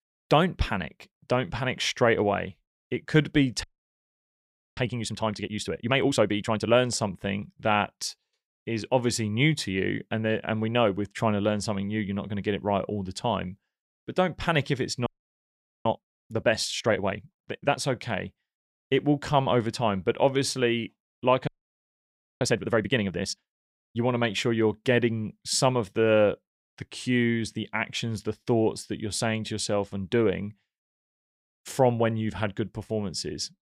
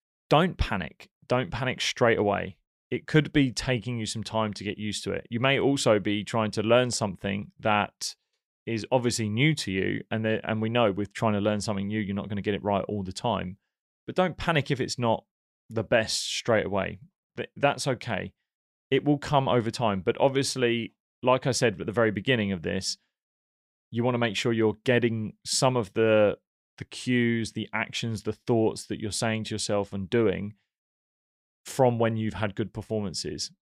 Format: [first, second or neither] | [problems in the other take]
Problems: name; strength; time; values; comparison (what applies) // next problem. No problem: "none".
second | audio freezing; at 3.5 s for 1 s, at 15 s for 1 s and at 21 s for 1 s